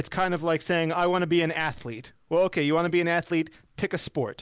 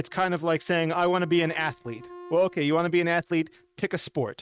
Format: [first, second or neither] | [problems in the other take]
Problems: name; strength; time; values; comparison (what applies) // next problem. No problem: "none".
first | noise reduction (neural mask model RNNoise)